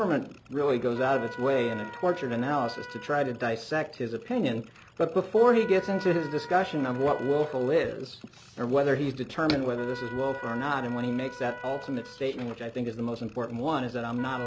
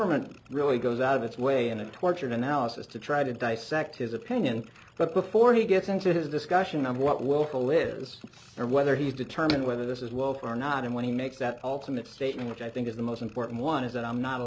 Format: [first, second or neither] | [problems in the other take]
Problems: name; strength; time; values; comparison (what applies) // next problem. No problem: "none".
second | background sound (Trumpet); 16 dB below the speech